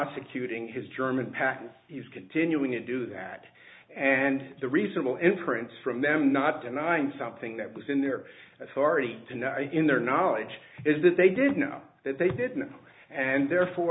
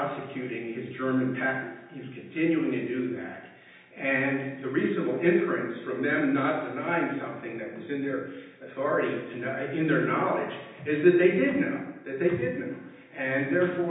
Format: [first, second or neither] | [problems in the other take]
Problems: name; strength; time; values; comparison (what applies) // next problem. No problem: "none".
first | room echo; dies away in 0.9 s